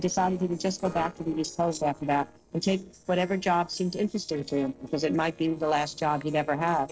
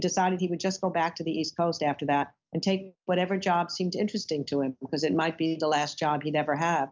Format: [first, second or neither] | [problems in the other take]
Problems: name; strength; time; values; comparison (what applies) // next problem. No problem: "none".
second | noise reduction (neural separator model SepFormer DNS4)